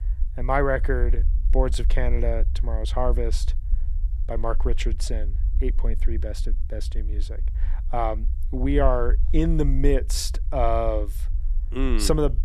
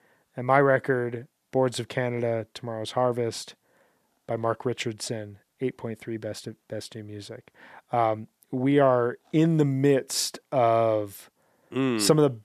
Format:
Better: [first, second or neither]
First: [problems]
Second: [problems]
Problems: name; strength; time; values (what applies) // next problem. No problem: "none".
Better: second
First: low rumble; faint; throughout; 20 dB below the speech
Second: none